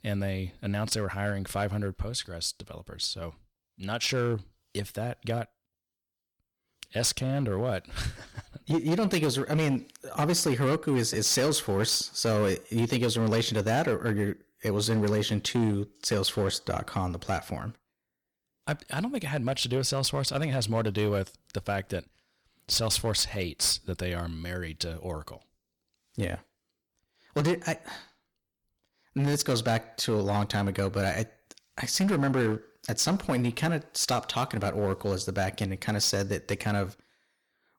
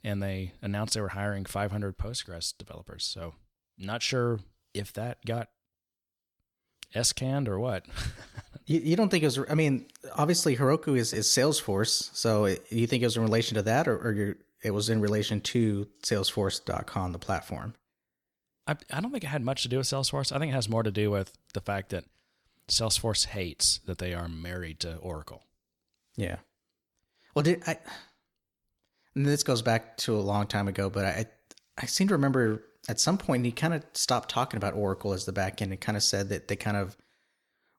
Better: second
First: distortion; slight; 6% of the sound clipped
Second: none

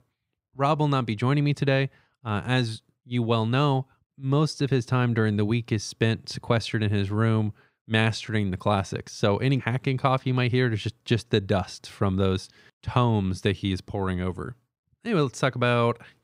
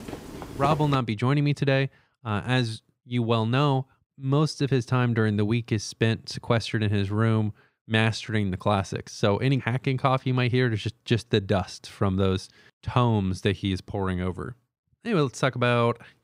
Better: first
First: none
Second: footsteps; noticeable; at the start; peak 6 dB below the speech

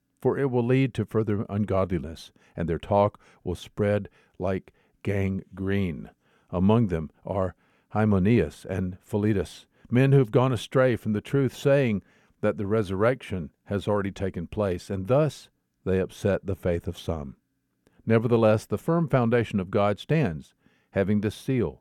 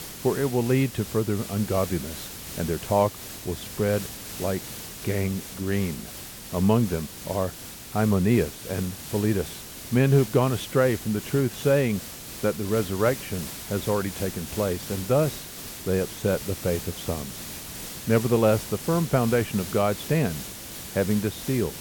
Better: first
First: none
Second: hiss; noticeable; throughout; 10 dB below the speech

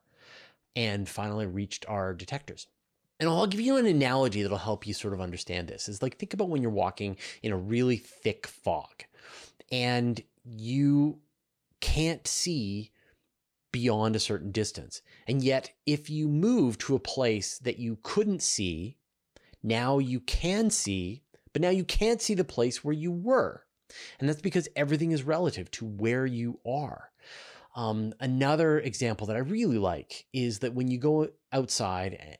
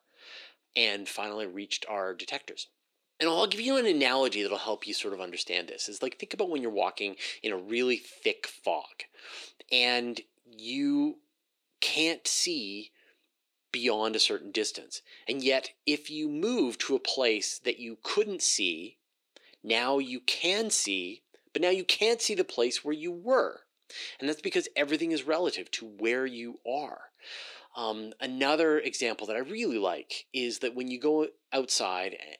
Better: first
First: none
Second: thin; very slightly; fading below 300 Hz

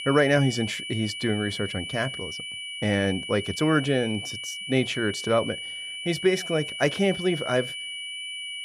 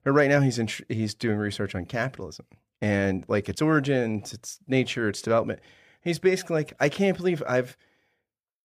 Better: second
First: high-pitched whine; loud; throughout; 3 kHz, 7 dB below the speech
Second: none

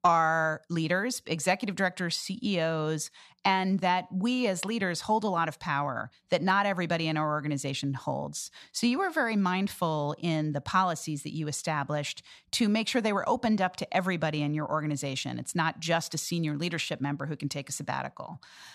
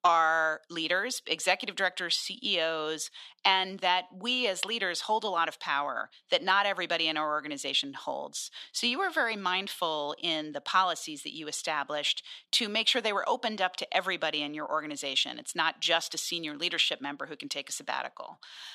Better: first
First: none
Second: thin; somewhat; fading below 350 Hz

